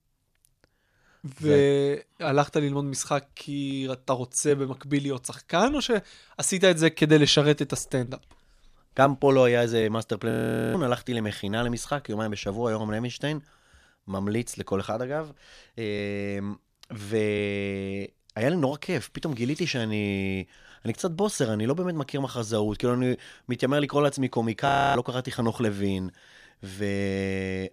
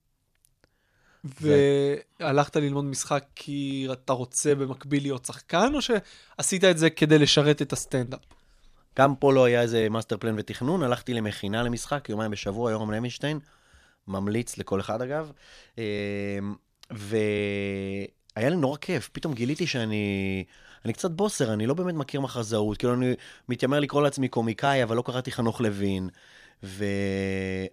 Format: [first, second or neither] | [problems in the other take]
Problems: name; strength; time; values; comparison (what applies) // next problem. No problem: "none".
second | audio freezing; at 10 s and at 25 s